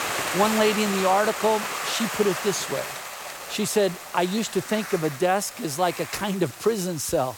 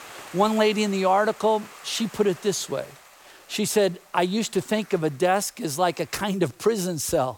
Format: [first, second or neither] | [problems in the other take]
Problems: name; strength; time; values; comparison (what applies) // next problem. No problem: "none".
second | hiss; loud; throughout; 6 dB below the speech; faint in the second